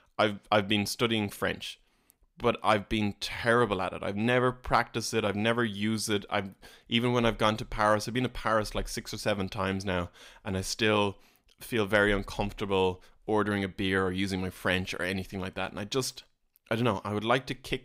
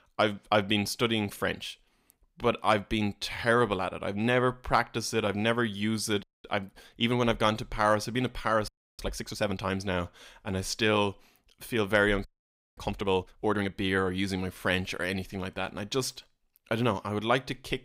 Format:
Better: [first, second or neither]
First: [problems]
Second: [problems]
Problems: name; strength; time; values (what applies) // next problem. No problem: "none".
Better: first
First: none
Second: audio freezing; at 6 s, at 8.5 s and at 12 s for 0.5 s